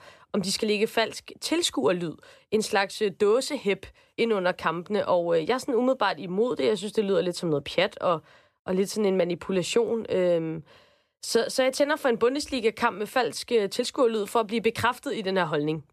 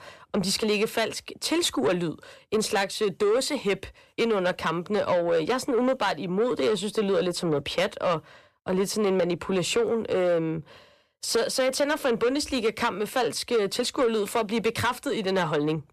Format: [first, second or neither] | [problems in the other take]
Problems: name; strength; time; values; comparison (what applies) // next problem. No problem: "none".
first | distortion; slight; 10 dB below the speech